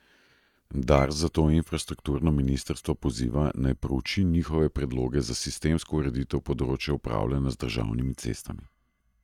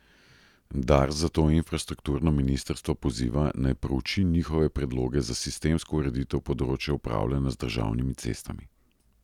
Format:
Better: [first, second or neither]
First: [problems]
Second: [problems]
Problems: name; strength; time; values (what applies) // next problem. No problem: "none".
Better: second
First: noise reduction (neural mask model DeepFilterNet 3)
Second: none